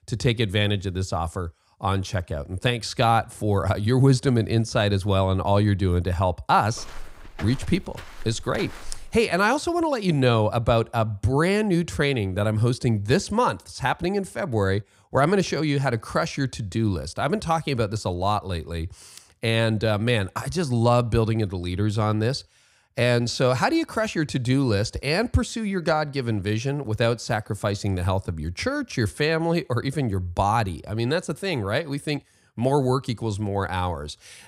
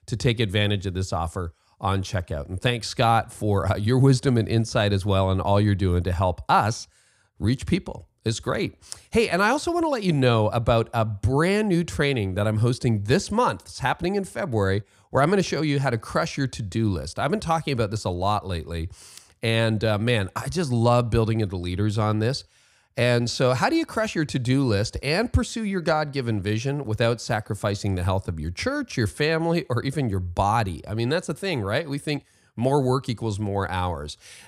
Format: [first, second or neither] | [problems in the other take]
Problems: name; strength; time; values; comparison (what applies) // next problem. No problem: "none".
second | footsteps; faint; from 6.5 to 9 s; peak 15 dB below the speech